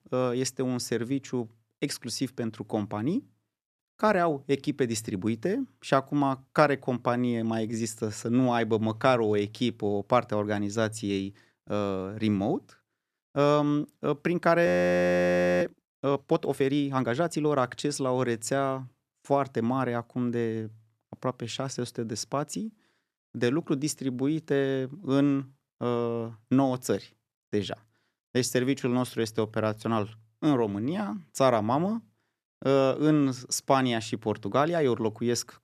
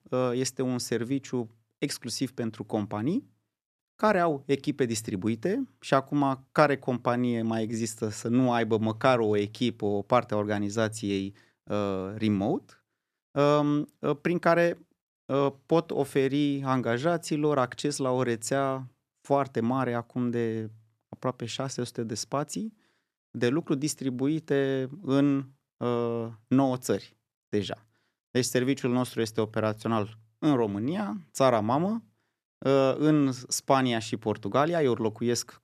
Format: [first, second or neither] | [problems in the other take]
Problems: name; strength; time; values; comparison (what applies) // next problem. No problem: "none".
second | audio freezing; at 15 s for 1 s